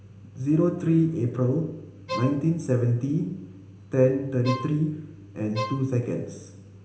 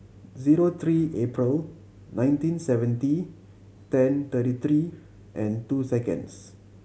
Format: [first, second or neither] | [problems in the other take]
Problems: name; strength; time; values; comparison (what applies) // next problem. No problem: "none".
second | background sound (Bowed string instrument); 11 dB below the speech // room echo; dies away in 0.8 s